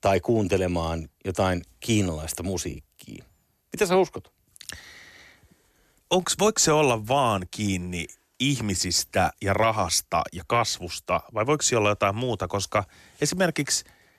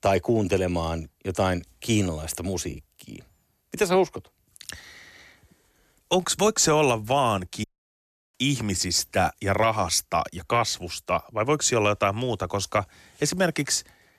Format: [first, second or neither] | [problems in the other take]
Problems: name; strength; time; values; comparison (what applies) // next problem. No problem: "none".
first | audio cutting out; at 7.5 s for 0.5 s